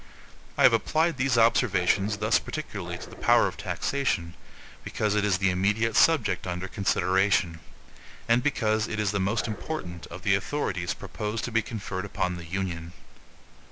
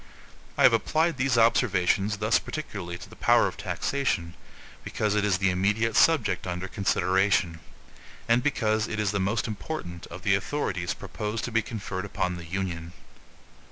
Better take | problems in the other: second | background sound (Growling); 16 dB below the speech

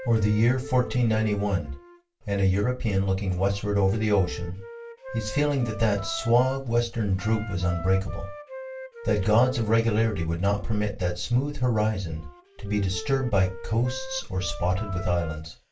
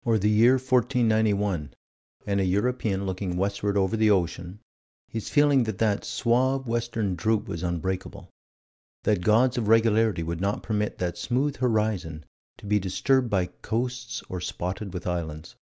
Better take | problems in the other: second | background sound (Wind instrument, woodwind instrument); 17 dB below the speech // room echo; dies away in 0.2 s

